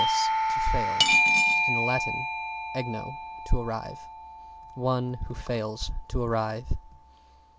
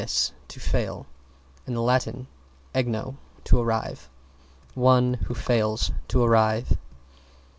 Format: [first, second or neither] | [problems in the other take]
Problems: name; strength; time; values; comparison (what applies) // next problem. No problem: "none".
second | background sound (Cutlery, silverware / Dishes, pots, and pans + Doorbell); 3 dB above the speech